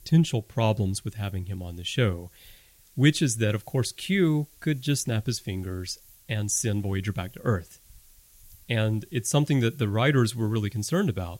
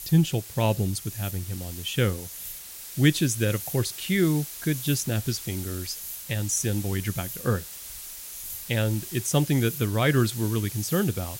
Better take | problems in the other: first | hiss; loud; throughout; 9 dB below the speech; faint in the first

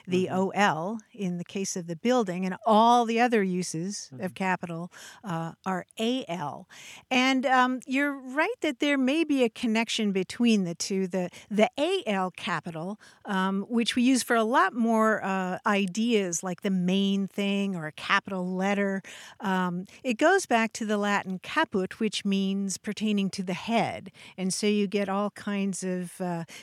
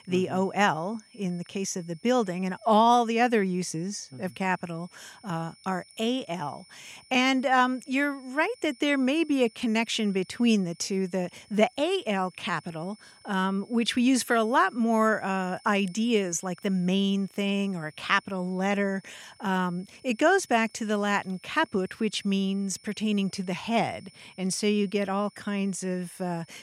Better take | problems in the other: first | high-pitched whine; faint; throughout; 5.5 kHz, 30 dB below the speech

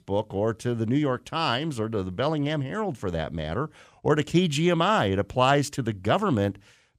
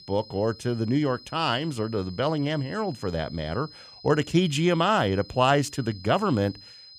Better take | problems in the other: first | high-pitched whine; noticeable; throughout; 5 kHz, 20 dB below the speech

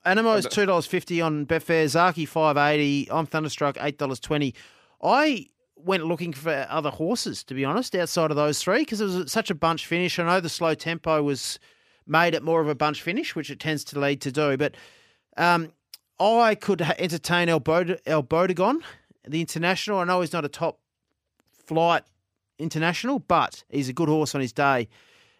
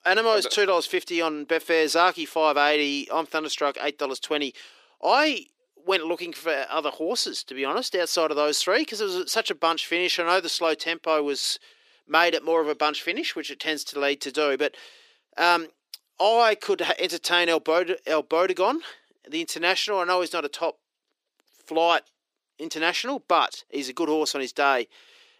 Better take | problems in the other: first | thin; somewhat; fading below 350 Hz

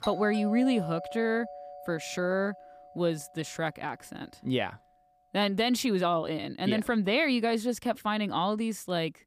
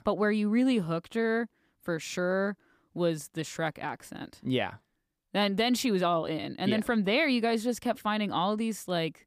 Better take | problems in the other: second | doorbell; noticeable; until 3 s; peak 8 dB below the speech

